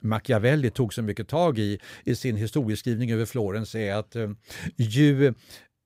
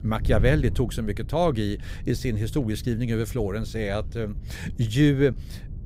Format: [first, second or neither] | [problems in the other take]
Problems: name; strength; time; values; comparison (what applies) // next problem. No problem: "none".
first | wind noise on the microphone; occasional gusts; 20 dB below the speech